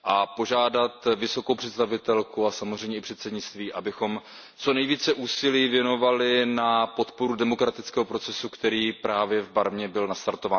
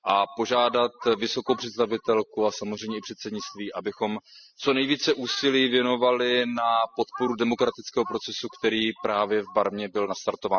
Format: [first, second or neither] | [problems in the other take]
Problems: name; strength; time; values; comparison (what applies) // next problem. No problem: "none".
first | noise reduction (classical method spectral subtraction)